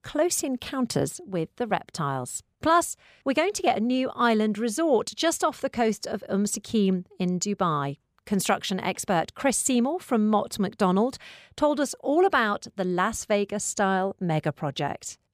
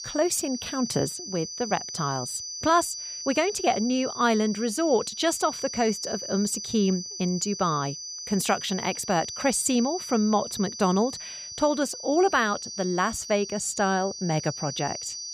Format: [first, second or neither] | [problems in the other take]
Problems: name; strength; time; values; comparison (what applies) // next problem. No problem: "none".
first | high-pitched whine; loud; throughout; 6 kHz, 8 dB below the speech